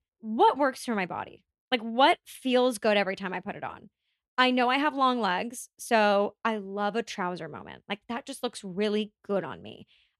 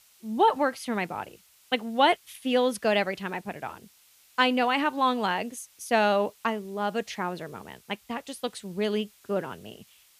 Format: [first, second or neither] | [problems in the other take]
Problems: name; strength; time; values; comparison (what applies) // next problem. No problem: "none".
first | hiss; faint; throughout; 30 dB below the speech